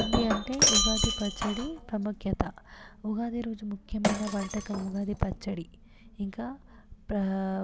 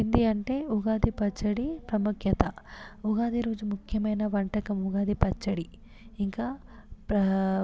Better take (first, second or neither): second